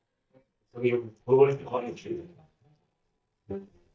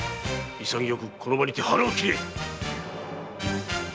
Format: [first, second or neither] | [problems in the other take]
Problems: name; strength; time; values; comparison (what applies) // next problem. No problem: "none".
second | noise reduction (neural mask model DeepFilterNet 3)